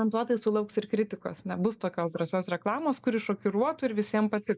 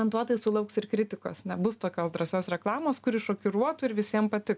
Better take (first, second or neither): second